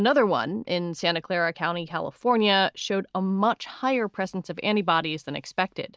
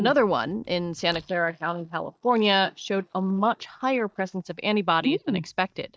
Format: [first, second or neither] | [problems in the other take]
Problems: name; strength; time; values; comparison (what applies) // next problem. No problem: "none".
first | noise reduction (neural mask model DeepFilterNet 3)